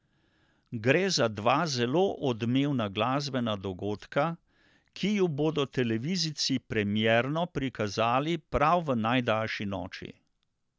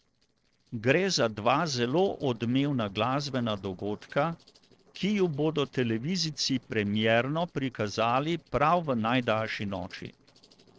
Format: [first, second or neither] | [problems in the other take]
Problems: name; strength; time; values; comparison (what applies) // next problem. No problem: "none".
first | noise reduction (neural separator model SepFormer DNS4)